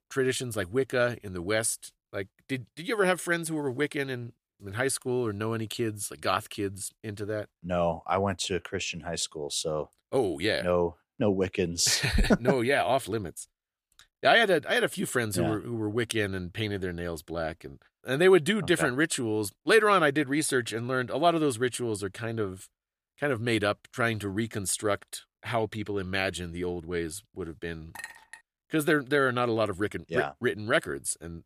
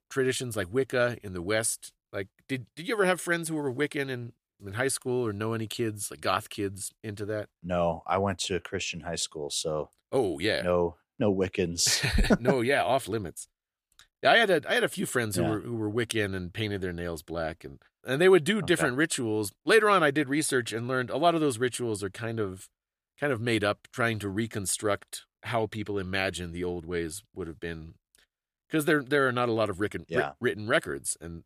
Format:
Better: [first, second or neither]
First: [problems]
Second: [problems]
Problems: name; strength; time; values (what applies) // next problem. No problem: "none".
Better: second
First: clattering dishes; faint; at 28 s; peak 15 dB below the speech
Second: none